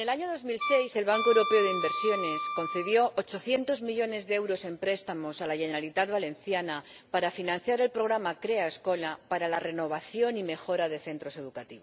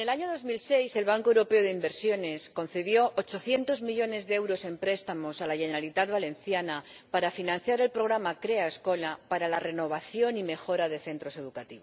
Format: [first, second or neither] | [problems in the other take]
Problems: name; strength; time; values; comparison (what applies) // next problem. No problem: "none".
second | background sound (Wind instrument, woodwind instrument); 4 dB below the speech